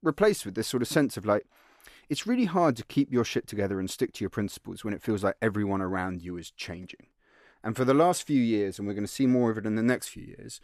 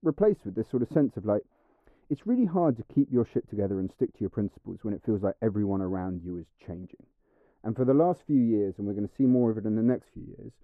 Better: first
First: none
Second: muffled; very; fading above 1.5 kHz

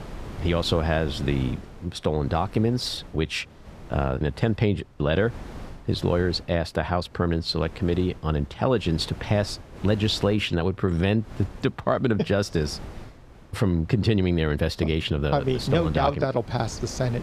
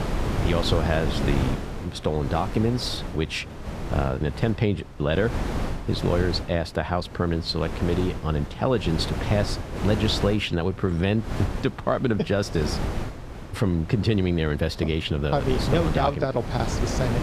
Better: first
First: wind noise on the microphone; occasional gusts; 20 dB below the speech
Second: wind noise on the microphone; heavy; 8 dB below the speech

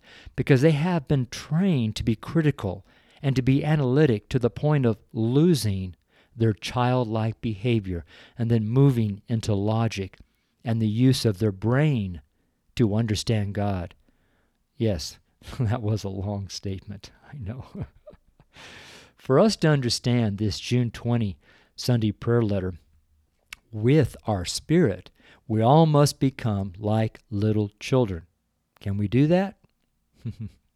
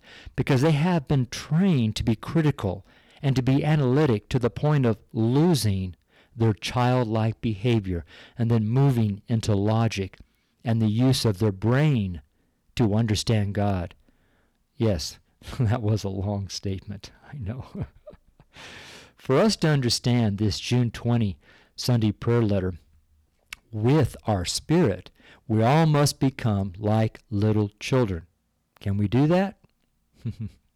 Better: first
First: none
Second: distortion; slight; 6% of the sound clipped

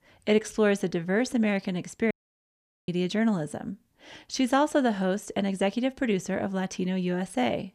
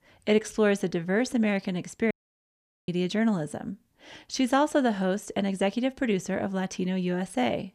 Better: neither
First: audio cutting out; at 2 s for 1 s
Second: audio cutting out; at 2 s for 1 s

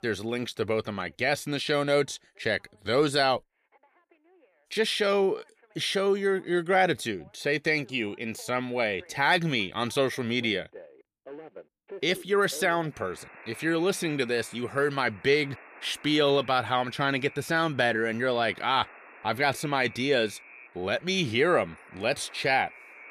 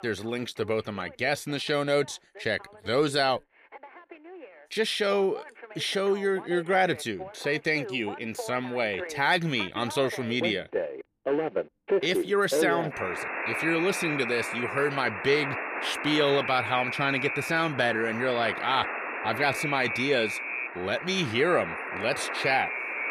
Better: first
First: alarms or sirens; faint; throughout; 20 dB below the speech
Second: alarms or sirens; loud; throughout; 4 dB below the speech

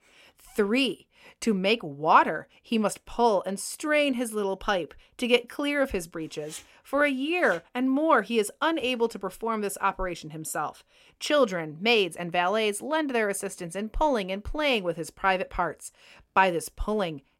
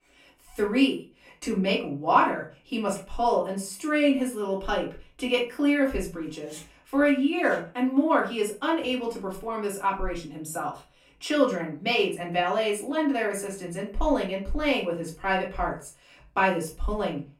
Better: first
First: none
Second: off-mic speech; far // room echo; slight; dies away in 0.3 s

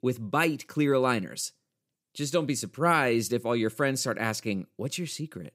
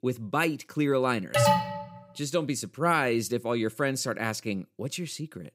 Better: first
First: none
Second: alarm; loud; at 1.5 s; peak 6 dB above the speech

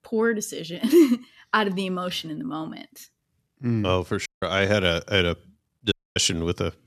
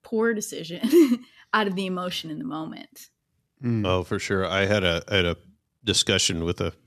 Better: second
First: audio cutting out; at 4.5 s and at 6 s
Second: none

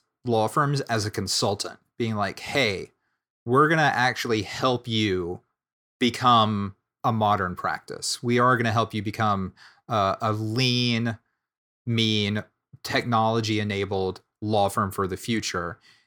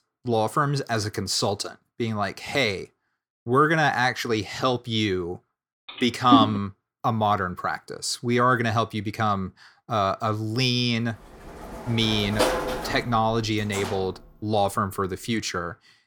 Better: first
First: none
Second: phone ringing; loud; at 6.5 s; peak 3 dB above the speech // door banging; loud; from 12 to 14 s; peak 1 dB above the speech

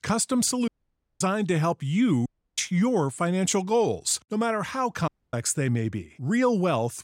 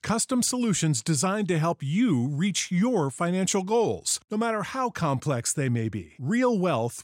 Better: second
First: audio cutting out; at 0.5 s for 0.5 s, at 2.5 s and at 5 s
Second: none

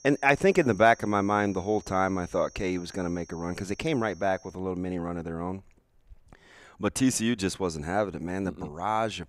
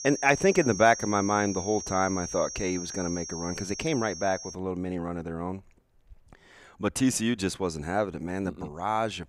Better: first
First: high-pitched whine; faint; until 4.5 s; 5.5 kHz, 25 dB below the speech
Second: high-pitched whine; loud; until 4.5 s; 5.5 kHz, 8 dB below the speech

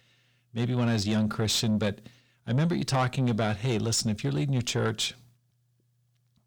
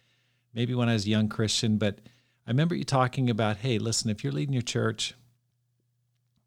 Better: second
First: distortion; slight; 10 dB below the speech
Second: none

